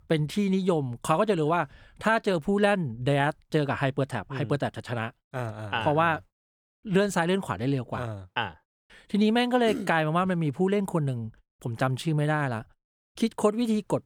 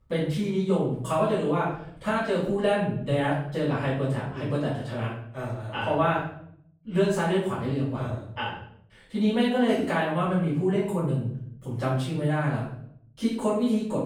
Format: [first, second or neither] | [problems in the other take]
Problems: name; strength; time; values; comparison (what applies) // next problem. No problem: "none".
first | off-mic speech; far // room echo; noticeable; dies away in 0.6 s